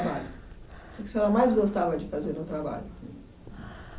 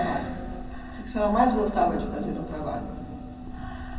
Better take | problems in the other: first | background sound (Wind instrument, woodwind instrument); 14 dB below the speech // room echo; dies away in 2.7 s

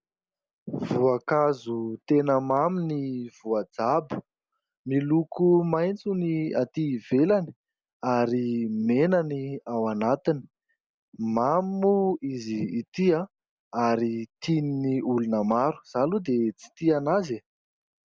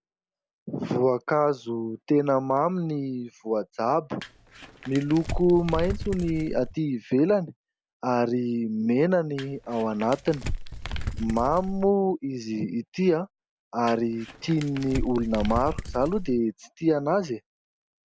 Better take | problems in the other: first | background sound (Crumpling, crinkling); 7 dB below the speech

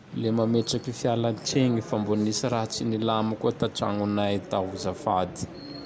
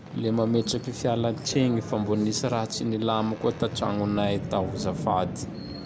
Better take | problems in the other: first | background sound (Boat, Water vehicle); 10 dB below the speech

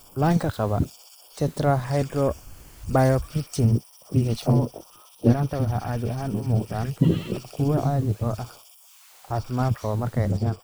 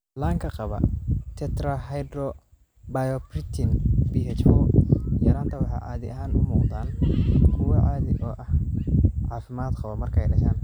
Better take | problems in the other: second | noise reduction (neural mask model Resemble Enhance denoiser)

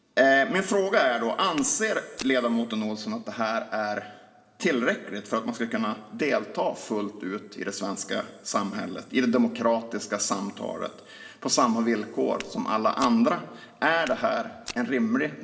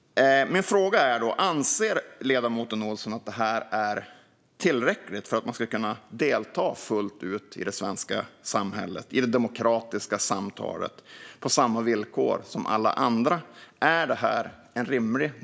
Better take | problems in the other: second | background sound (Walk, footsteps); 18 dB below the speech // room echo; dies away in 2.6 s

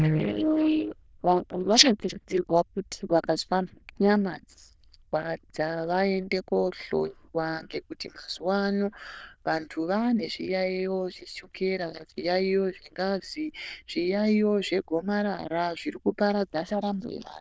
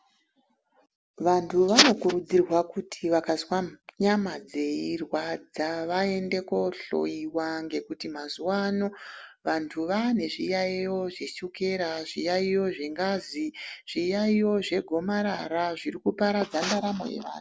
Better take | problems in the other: second | noise reduction (neural diffusion model UNIVERSE++)

